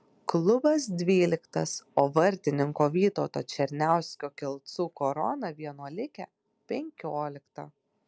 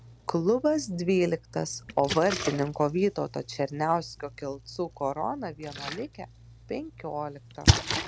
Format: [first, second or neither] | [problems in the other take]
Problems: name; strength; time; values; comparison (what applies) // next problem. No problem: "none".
first | background sound (Splash, splatter); 5 dB below the speech